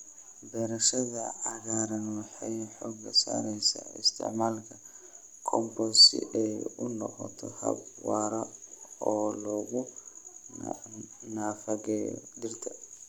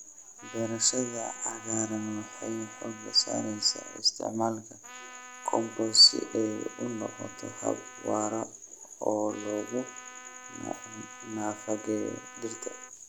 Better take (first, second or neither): first